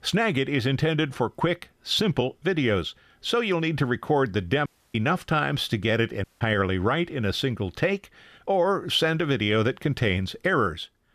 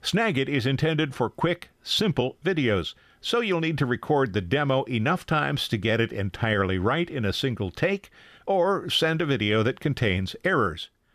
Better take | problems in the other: second | audio cutting out; at 4.5 s and at 6 s

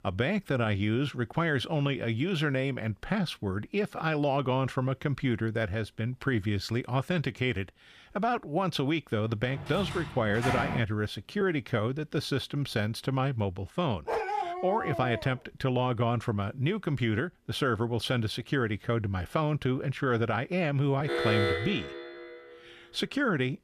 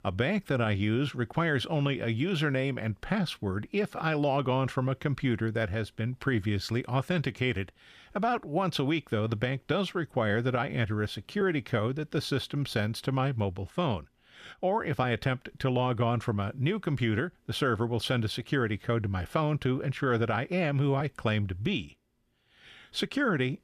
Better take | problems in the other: second | door banging; noticeable; from 9.5 to 11 s; peak 2 dB below the speech // dog barking; noticeable; from 14 to 15 s; peak 1 dB below the speech // alarm; loud; from 21 to 22 s; peak 2 dB above the speech

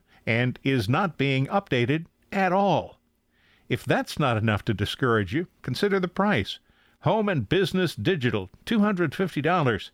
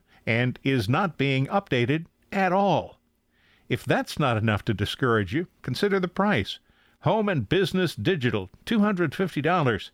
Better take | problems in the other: neither | none

